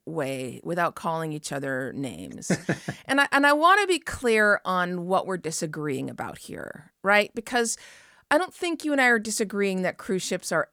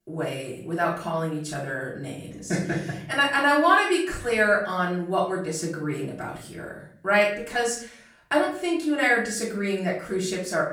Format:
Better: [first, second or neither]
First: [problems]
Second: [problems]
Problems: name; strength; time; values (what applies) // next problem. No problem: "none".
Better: first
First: none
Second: off-mic speech; far // room echo; slight; dies away in 0.5 s